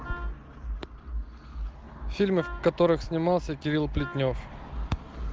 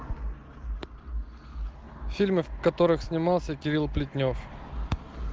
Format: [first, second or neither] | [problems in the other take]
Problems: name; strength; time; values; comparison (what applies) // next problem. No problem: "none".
second | background sound (Wind instrument, woodwind instrument); 16 dB below the speech